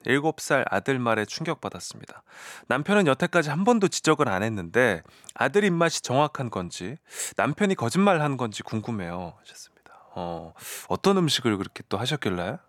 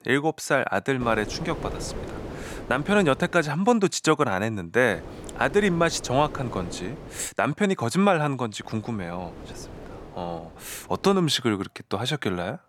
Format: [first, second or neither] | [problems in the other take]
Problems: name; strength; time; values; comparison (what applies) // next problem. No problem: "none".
first | wind noise on the microphone; occasional gusts; from 1 to 3.5 s, from 5 to 7.5 s and from 8.5 to 11 s; 15 dB below the speech